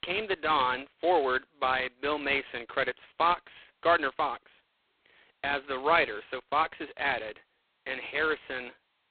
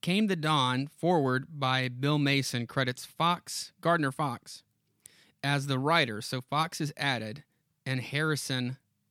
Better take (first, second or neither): second